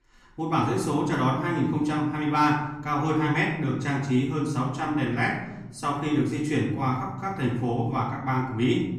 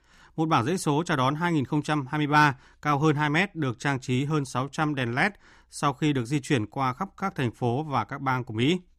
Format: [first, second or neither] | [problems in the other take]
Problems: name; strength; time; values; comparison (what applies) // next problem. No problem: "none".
second | room echo; noticeable; dies away in 1 s // off-mic speech; far